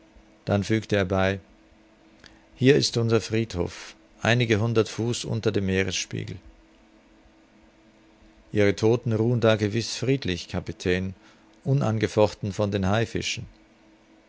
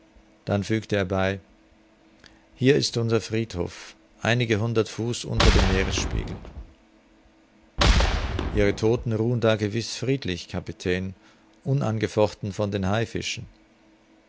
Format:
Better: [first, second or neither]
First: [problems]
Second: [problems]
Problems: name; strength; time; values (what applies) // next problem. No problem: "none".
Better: first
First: none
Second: background sound (Boom); 3 dB above the speech